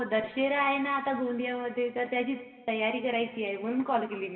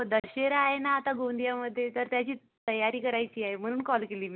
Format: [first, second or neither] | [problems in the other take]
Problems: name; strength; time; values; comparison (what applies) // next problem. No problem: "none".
second | room echo; dies away in 2.6 s